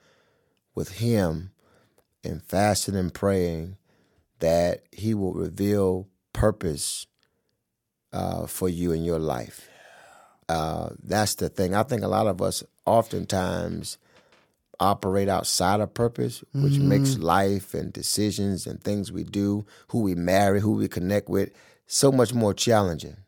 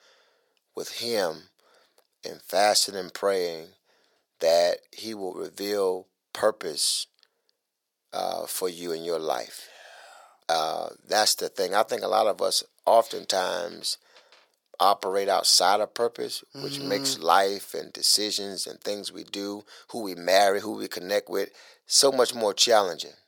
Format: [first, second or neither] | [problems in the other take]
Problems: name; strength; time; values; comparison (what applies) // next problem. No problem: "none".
first | thin; very; fading below 600 Hz